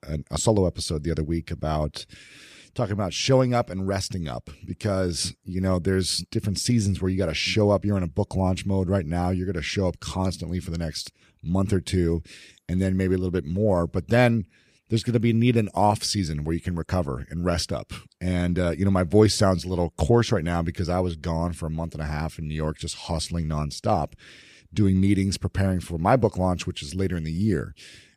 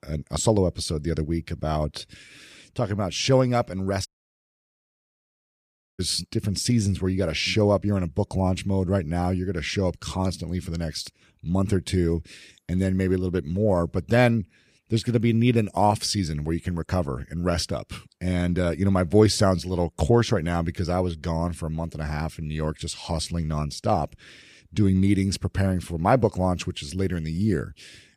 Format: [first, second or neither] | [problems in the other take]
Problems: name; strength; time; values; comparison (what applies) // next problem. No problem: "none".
first | audio cutting out; at 4 s for 2 s